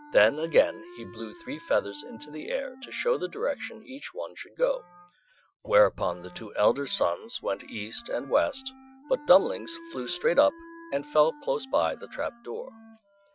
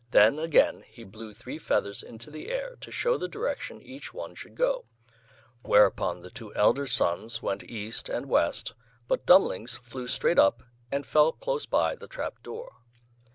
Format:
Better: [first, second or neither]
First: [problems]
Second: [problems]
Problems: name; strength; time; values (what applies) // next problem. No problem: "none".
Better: second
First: noise reduction (classical method Wiener filter)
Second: none